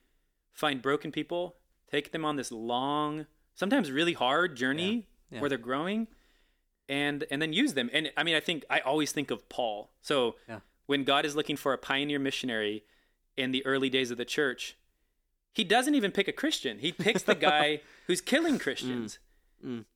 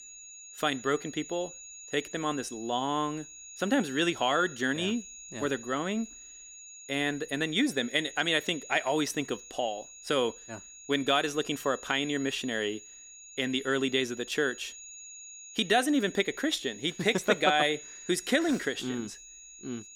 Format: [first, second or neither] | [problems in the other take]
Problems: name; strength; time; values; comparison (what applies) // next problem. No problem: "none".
first | high-pitched whine; noticeable; throughout; 6.5 kHz, 15 dB below the speech